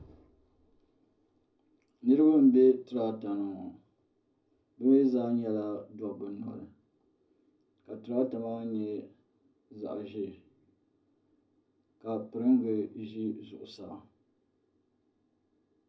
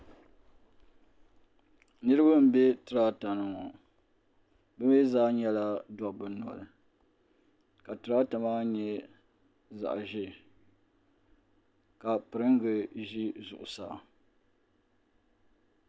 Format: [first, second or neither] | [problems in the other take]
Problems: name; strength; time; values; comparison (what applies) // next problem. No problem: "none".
second | room echo; dies away in 0.4 s